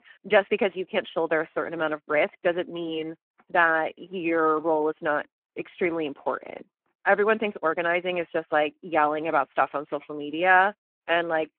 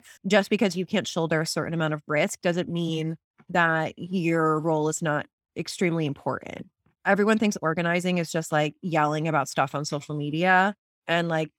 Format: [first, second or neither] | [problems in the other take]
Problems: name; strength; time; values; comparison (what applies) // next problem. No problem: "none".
second | phone-call audio